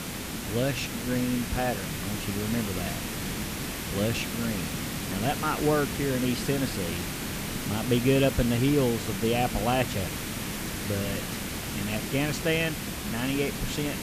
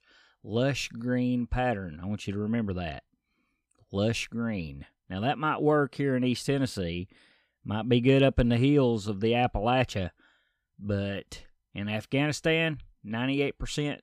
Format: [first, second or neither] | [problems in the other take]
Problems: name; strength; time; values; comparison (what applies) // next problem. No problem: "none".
second | hiss; loud; throughout; 3 dB below the speech